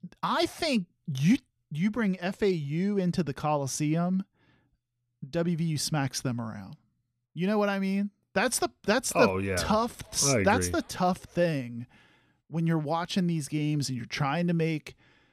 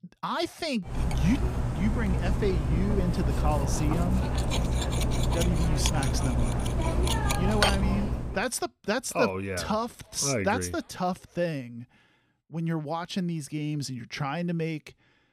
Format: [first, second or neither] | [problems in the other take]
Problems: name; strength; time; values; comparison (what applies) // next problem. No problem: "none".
first | clattering dishes; loud; from 1 to 8.5 s; peak 6 dB above the speech